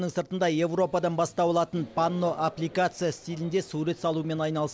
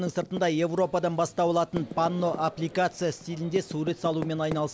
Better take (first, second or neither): first